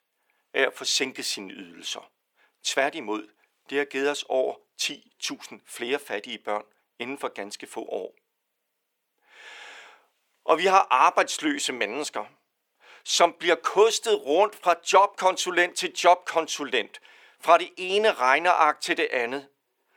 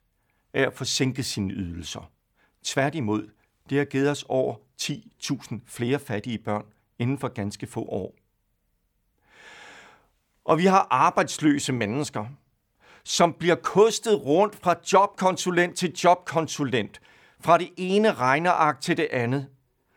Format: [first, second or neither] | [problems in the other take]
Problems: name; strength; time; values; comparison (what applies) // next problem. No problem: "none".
second | thin; somewhat; fading below 400 Hz